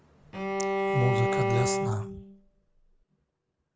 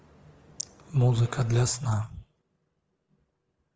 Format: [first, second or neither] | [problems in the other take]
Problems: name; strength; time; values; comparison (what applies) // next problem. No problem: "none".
second | background sound (Bowed string instrument); 3 dB above the speech